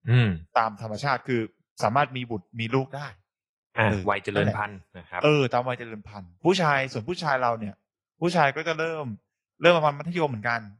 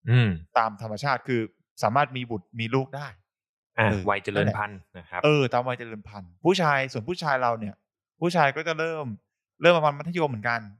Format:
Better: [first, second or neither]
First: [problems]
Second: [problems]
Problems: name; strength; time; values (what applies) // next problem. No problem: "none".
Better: second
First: garbled, watery; slightly; nothing above 11.5 kHz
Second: none